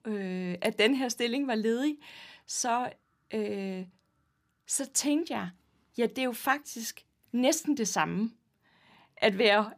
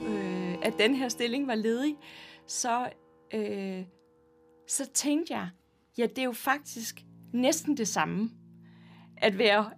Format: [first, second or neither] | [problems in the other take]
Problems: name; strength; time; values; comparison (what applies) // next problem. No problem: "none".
first | background music; noticeable; throughout; 15 dB below the speech